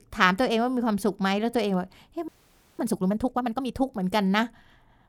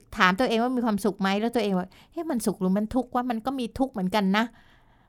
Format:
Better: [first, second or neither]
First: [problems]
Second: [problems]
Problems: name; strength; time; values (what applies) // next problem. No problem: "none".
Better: second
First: audio freezing; at 2.5 s for 0.5 s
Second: none